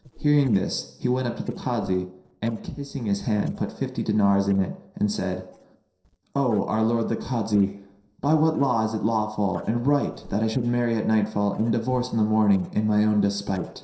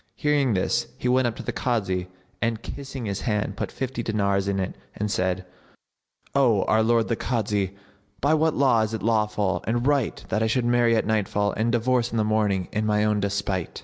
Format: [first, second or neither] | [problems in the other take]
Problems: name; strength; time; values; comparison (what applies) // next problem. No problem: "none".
second | noise reduction (neural separator model SepFormer DNS4)